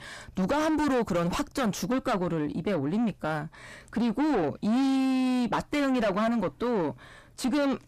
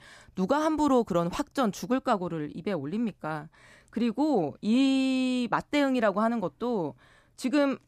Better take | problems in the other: second | distortion; heavy; 5 dB below the speech

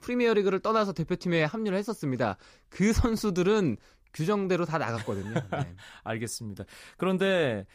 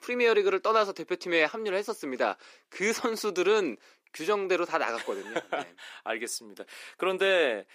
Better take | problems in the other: first | thin; somewhat; fading below 300 Hz

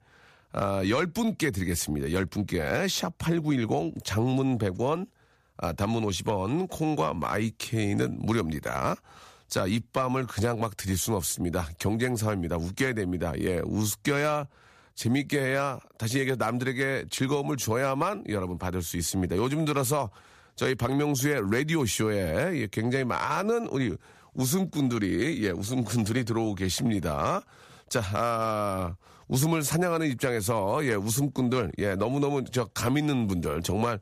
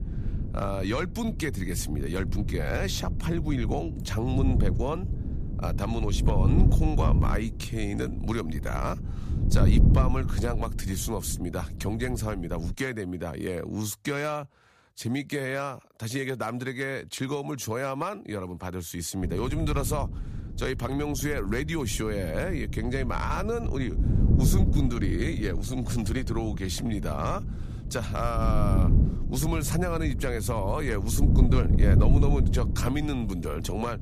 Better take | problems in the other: first | wind noise on the microphone; heavy; until 13 s and from 19 s on; 8 dB below the speech

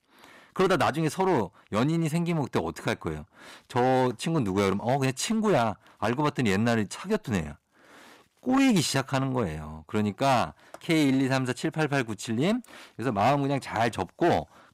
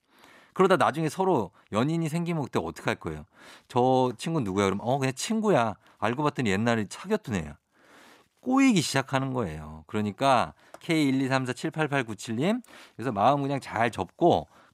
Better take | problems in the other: second | distortion; slight; 8% of the sound clipped

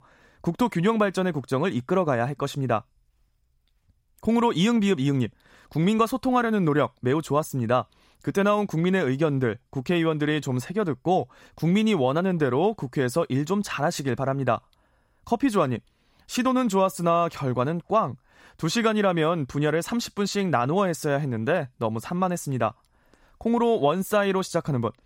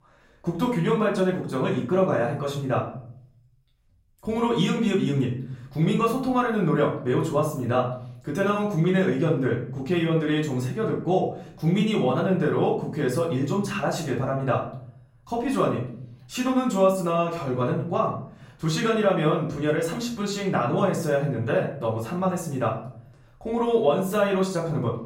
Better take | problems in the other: first | off-mic speech; far // room echo; slight; dies away in 0.5 s

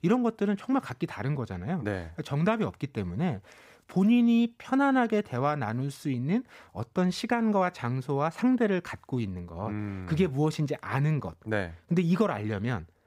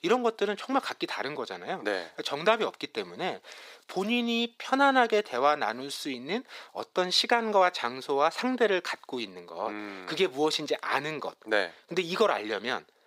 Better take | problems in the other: first | thin; somewhat; fading below 400 Hz

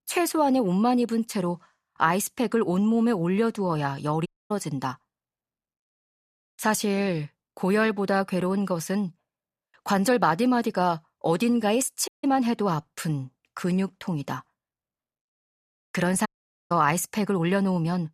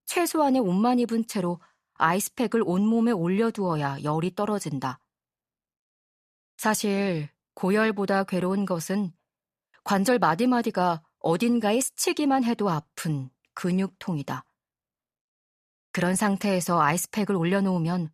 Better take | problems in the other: second | audio cutting out; at 4.5 s, at 12 s and at 16 s

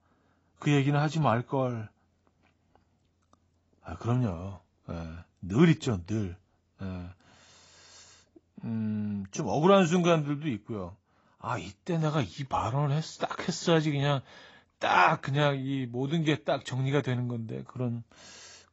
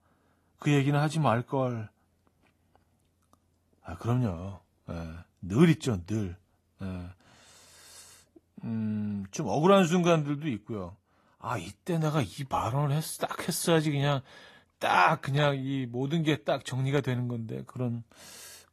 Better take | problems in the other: second | garbled, watery; badly; nothing above 7.5 kHz; slightly in the second

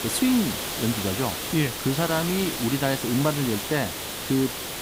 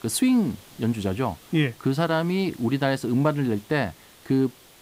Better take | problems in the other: second | hiss; loud; throughout; 3 dB below the speech; faint in the second

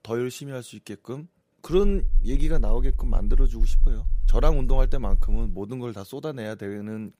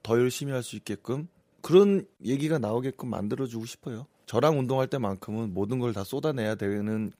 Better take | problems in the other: second | low rumble; faint; from 1.5 to 5.5 s; 20 dB below the speech

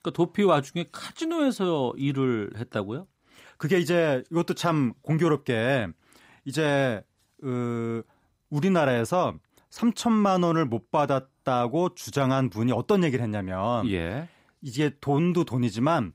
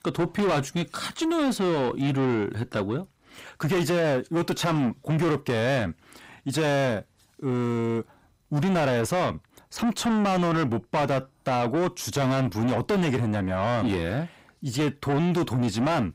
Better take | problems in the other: first | distortion; heavy; 8 dB below the speech

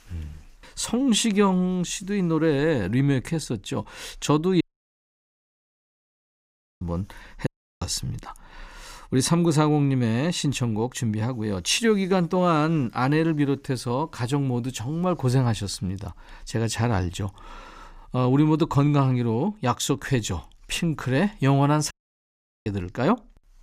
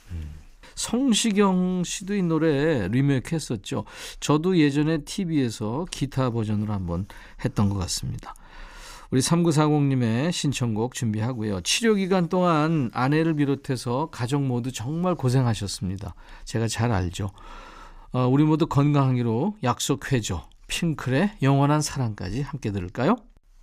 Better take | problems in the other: second | audio cutting out; at 4.5 s for 2 s, at 7.5 s and at 22 s for 1 s

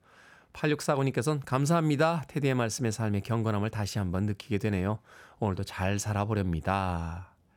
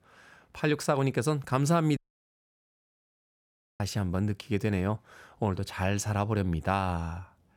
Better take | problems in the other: first | audio cutting out; at 2 s for 2 s

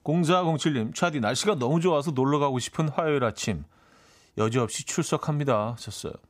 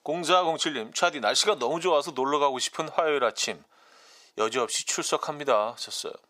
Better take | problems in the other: first | thin; very; fading below 550 Hz

